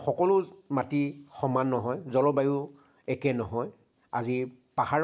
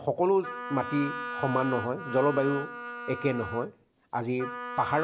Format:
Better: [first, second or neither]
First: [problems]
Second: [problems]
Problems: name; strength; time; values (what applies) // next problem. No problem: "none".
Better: first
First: none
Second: background sound (Wind instrument, woodwind instrument); 9 dB below the speech